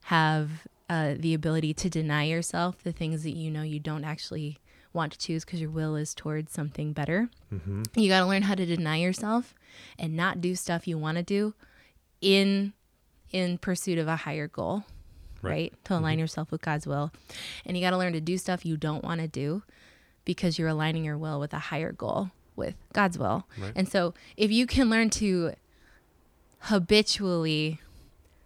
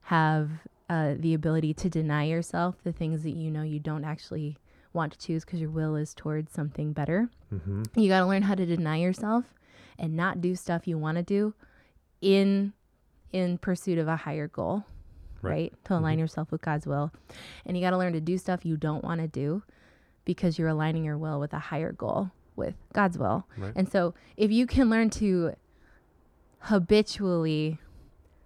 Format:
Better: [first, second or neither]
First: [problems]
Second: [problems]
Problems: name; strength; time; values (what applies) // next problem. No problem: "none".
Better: first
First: none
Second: muffled; slightly; fading above 1.5 kHz